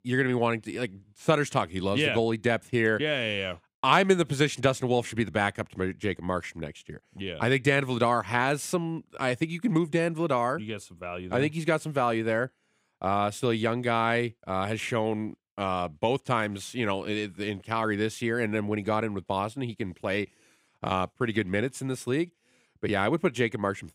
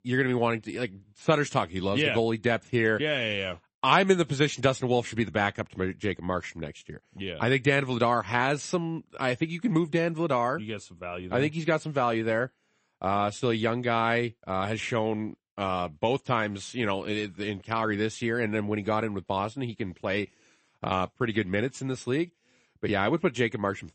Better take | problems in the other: first | garbled, watery; slightly; nothing above 8 kHz

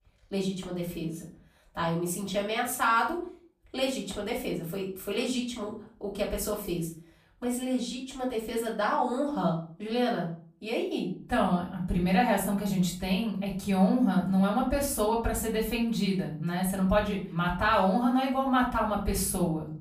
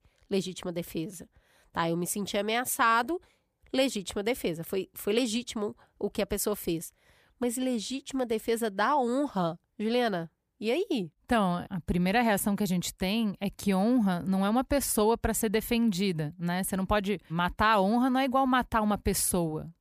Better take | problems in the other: second | room echo; slight; dies away in 0.4 s // off-mic speech; far

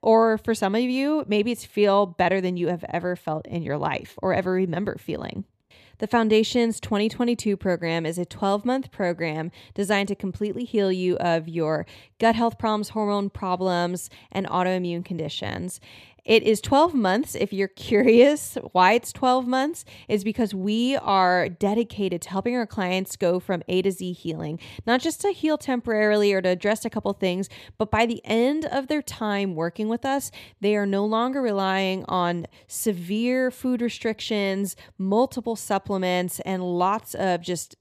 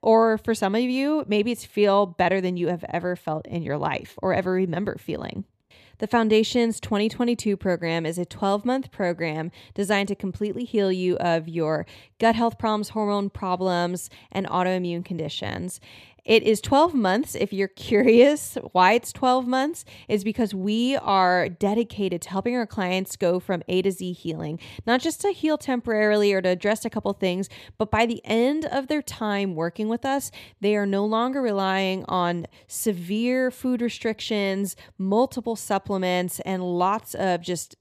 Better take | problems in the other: neither | none

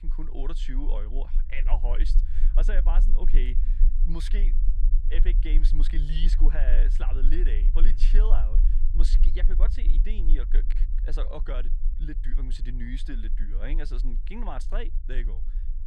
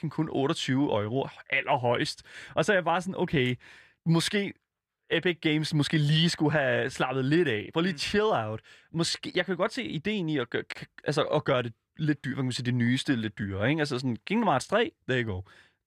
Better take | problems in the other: second | low rumble; noticeable; throughout; 10 dB below the speech

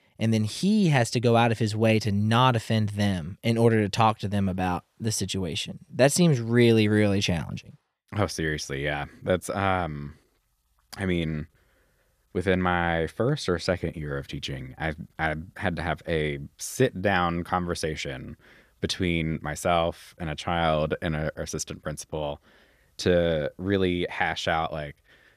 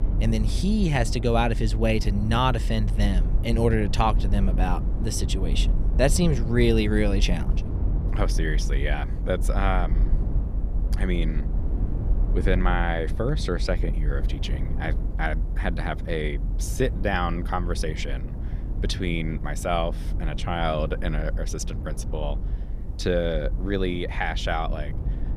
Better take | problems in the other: first | low rumble; noticeable; throughout; 15 dB below the speech

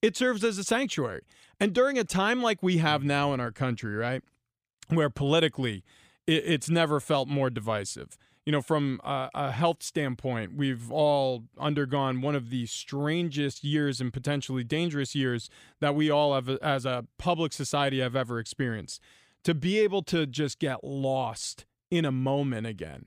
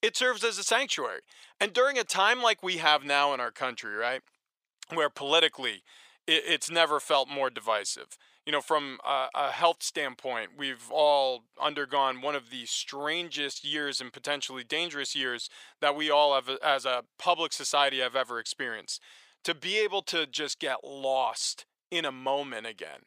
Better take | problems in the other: first | thin; very; fading below 650 Hz

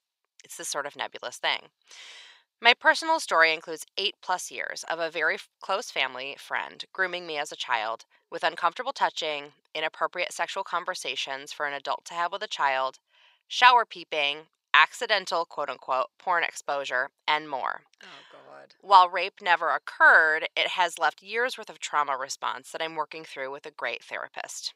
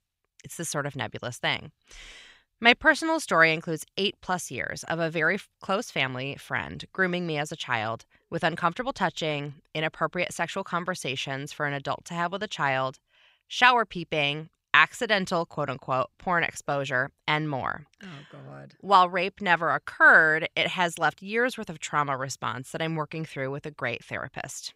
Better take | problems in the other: second | thin; very; fading below 550 Hz

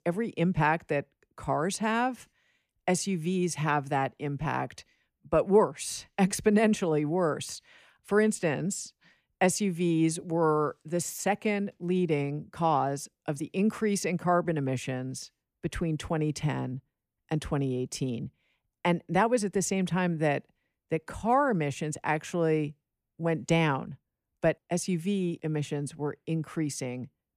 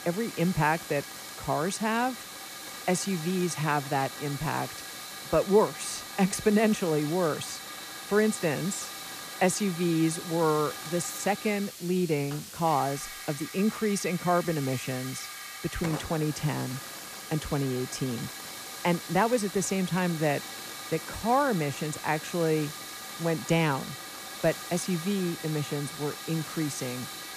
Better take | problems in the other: first | hiss; loud; throughout; 9 dB below the speech

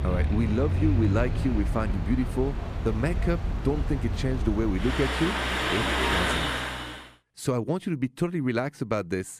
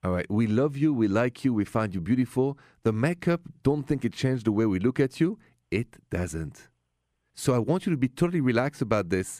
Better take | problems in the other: second | traffic noise; very loud; until 6.5 s; 1 dB above the speech

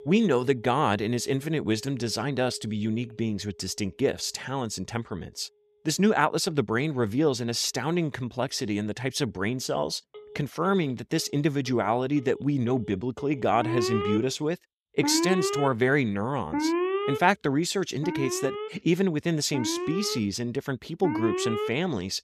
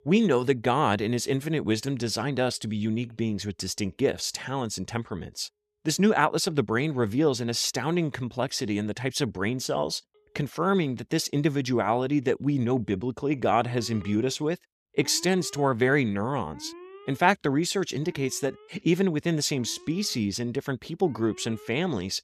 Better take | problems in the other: second | alarms or sirens; loud; throughout; 4 dB below the speech; faint in the second

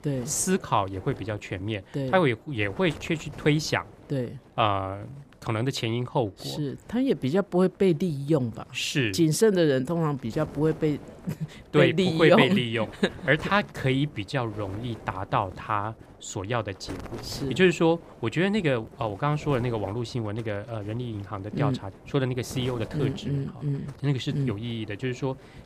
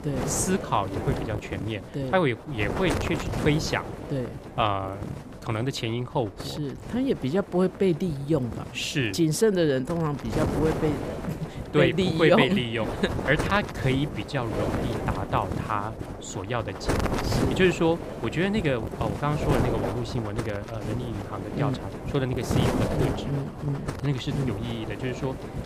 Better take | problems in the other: first | wind noise on the microphone; heavy; 7 dB below the speech; occasional gusts in the first

